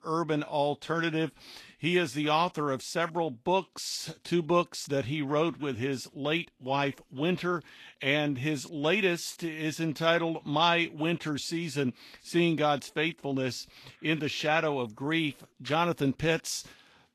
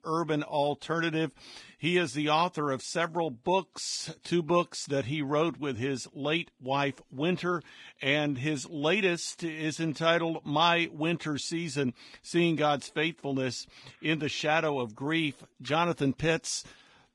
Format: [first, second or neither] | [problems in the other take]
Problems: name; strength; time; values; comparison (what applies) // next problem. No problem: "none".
first | garbled, watery; badly; nothing above 10.5 kHz; slightly in the first